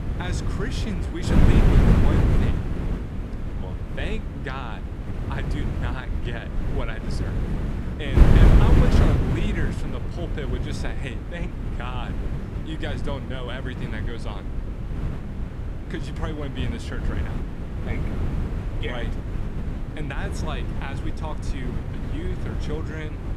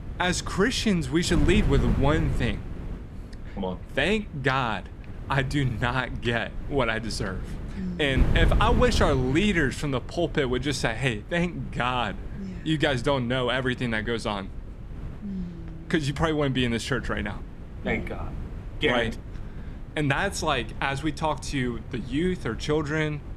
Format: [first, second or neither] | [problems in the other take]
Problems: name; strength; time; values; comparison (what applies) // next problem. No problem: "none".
second | wind noise on the microphone; heavy; 1 dB above the speech; occasional gusts in the second